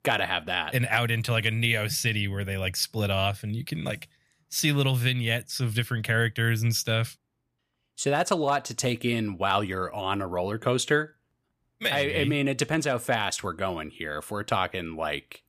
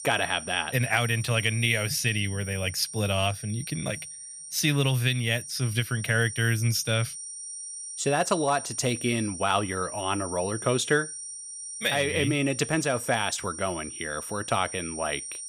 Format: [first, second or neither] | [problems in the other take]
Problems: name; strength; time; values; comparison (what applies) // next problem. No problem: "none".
first | high-pitched whine; loud; throughout; 9 kHz, 9 dB below the speech